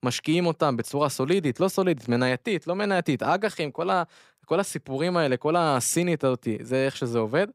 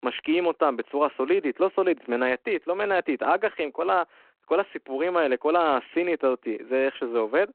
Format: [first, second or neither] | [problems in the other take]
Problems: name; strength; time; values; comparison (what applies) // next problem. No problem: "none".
first | phone-call audio